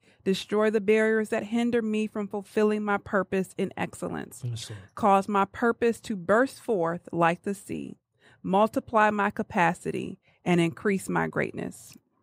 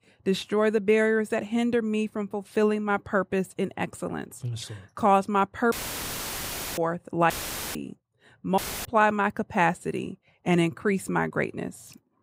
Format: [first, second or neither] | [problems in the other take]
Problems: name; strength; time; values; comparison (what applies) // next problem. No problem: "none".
first | audio cutting out; filled with static; at 5.5 s for 1 s, at 7.5 s and at 8.5 s